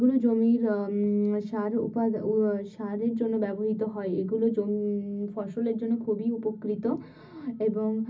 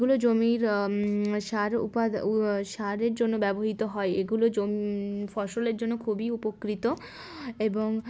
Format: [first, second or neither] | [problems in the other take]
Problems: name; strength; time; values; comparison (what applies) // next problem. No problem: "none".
second | room echo; dies away in 0.4 s